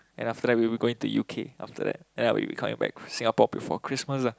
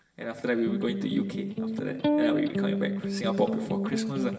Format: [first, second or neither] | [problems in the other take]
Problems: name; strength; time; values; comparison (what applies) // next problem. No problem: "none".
first | background sound (Electric guitar); 2 dB above the speech // room echo; dies away in 1.7 s